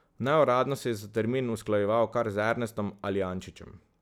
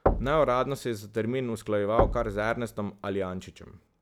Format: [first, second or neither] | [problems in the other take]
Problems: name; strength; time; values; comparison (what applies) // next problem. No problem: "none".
first | background sound (Knock / Wood / Percussion); 4 dB below the speech